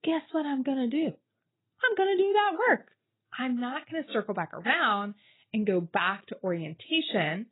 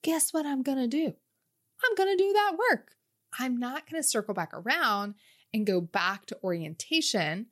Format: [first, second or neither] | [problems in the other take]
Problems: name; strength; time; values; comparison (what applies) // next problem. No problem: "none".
second | garbled, watery; badly; nothing above 4 kHz